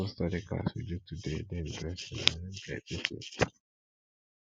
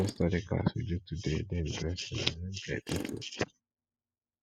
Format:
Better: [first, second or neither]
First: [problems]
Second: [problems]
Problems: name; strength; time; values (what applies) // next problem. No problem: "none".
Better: first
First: none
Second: noise reduction (neural mask model RNNoise)